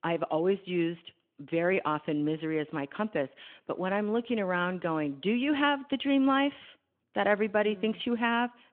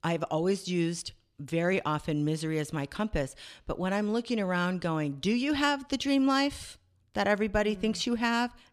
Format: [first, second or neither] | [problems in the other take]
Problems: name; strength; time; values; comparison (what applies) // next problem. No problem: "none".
second | phone-call audio